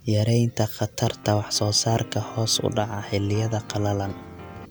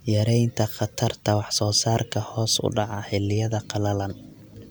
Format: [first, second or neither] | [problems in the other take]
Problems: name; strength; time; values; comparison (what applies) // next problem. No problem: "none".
second | background sound (Piano); 17 dB below the speech